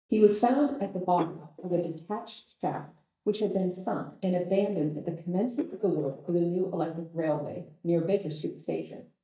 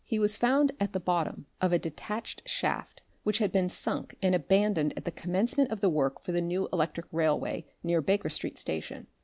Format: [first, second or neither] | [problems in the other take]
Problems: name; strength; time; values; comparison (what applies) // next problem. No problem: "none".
second | noise reduction (neural mask model DeepFilterNet 3)